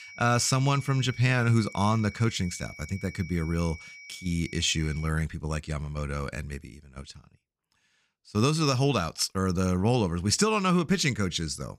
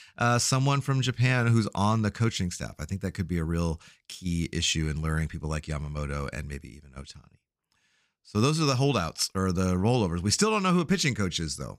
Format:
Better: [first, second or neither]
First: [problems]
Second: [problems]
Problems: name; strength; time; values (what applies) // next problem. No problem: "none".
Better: second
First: high-pitched whine; noticeable; until 5 s; 2.5 kHz, 15 dB below the speech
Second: none